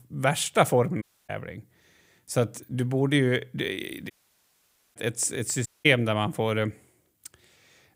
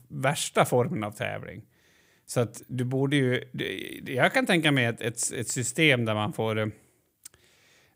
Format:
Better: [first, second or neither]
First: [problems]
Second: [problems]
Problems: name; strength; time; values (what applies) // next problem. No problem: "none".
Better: second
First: audio cutting out; at 1 s, at 4 s for 1 s and at 5.5 s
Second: none